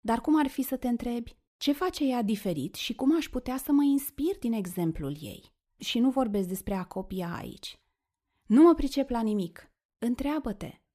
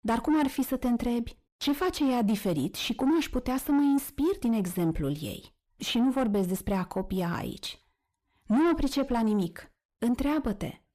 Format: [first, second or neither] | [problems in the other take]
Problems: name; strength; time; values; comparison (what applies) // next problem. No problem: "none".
first | distortion; heavy; 7 dB below the speech